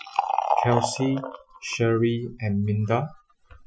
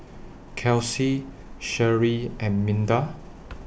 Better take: second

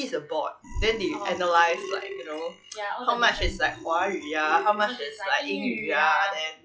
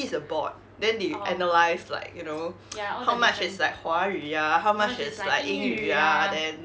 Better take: second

